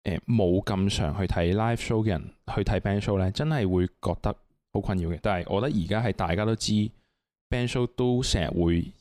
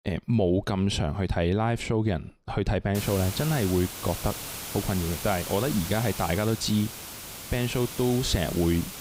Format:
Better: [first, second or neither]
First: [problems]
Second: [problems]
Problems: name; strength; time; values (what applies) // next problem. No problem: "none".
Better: first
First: none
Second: hiss; loud; from 3 s on; 8 dB below the speech